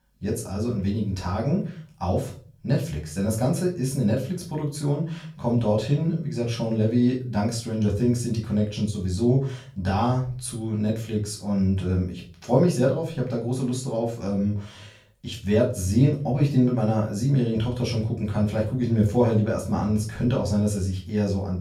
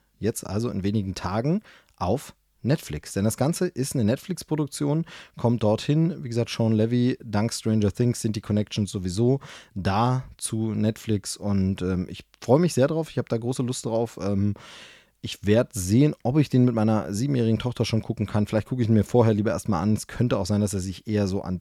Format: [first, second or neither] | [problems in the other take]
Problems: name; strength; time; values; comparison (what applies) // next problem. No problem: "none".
second | room echo; slight; dies away in 0.4 s // off-mic speech; far